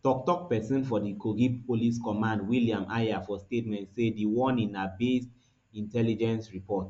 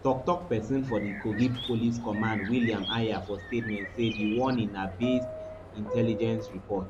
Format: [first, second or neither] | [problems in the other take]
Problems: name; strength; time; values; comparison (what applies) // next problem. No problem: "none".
first | background sound (Bird + Subway, metro, underground); 9 dB below the speech